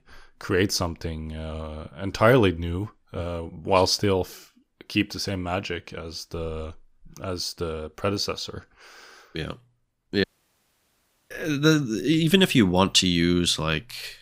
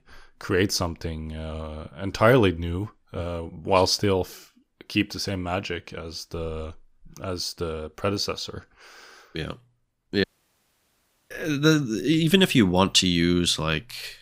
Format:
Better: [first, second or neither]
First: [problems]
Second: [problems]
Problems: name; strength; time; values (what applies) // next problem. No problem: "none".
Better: neither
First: audio cutting out; at 10 s for 1 s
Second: audio cutting out; at 10 s for 1 s